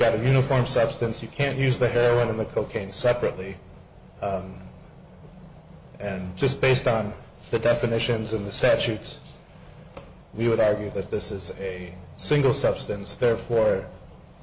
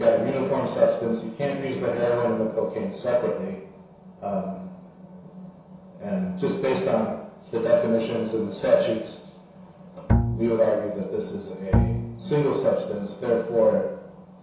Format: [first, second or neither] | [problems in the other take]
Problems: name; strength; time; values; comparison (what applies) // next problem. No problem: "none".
first | background sound (Bowed string instrument); 1 dB below the speech // room echo; dies away in 0.7 s